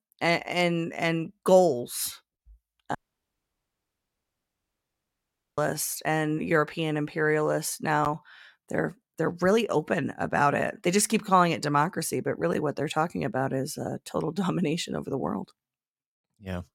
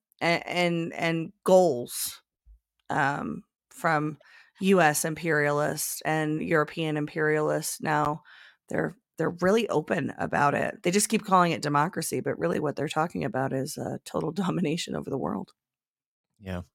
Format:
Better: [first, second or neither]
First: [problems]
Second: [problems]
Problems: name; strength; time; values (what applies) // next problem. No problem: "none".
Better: second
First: audio cutting out; at 3 s for 2.5 s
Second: none